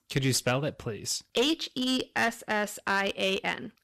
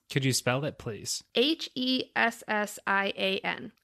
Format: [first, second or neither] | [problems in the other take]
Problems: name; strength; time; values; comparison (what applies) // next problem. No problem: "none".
second | distortion; slight; 5% of the sound clipped